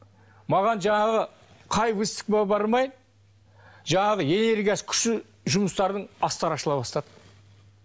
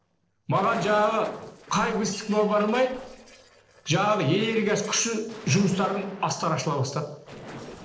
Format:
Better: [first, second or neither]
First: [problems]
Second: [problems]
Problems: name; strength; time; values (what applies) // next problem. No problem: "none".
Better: first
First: none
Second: noise reduction (neural separator model SepFormer DNS4)